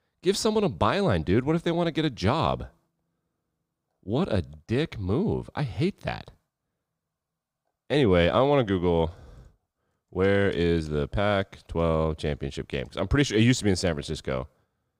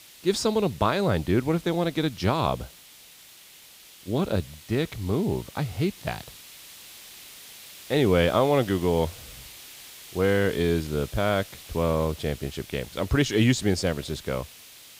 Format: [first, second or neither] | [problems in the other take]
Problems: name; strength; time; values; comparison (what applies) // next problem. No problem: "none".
first | hiss; noticeable; throughout; 20 dB below the speech